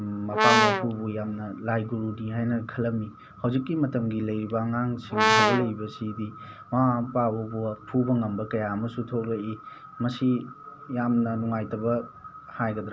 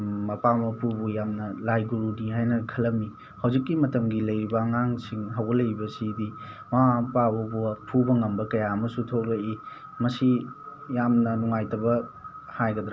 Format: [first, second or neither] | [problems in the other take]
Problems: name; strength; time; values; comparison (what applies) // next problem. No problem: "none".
second | background sound (Brass instrument); 5 dB above the speech